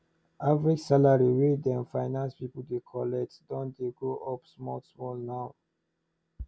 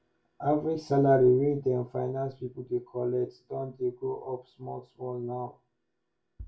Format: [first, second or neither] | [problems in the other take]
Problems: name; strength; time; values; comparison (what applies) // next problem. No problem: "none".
first | room echo; dies away in 0.3 s